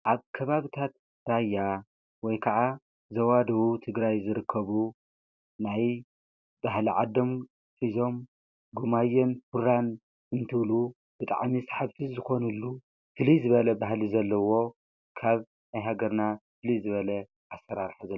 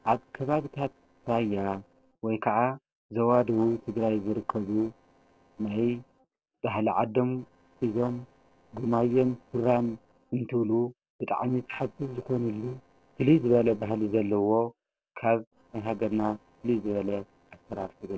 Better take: first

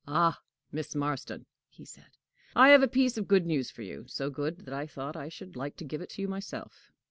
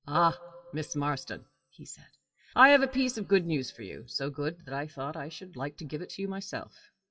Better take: first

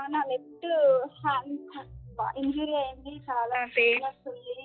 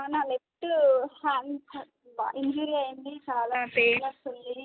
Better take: second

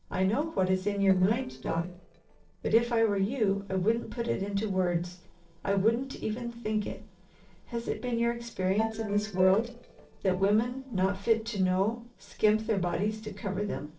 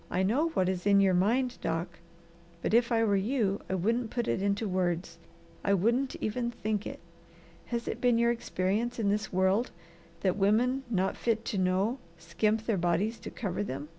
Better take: second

